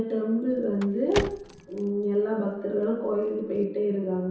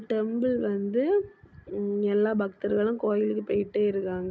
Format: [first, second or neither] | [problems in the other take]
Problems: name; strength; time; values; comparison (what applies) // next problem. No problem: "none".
second | background sound (Car); 13 dB below the speech // room echo; dies away in 0.7 s